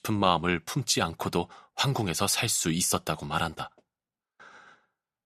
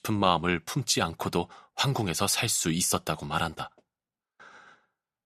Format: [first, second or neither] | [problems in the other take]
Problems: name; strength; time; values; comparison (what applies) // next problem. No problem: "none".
neither | none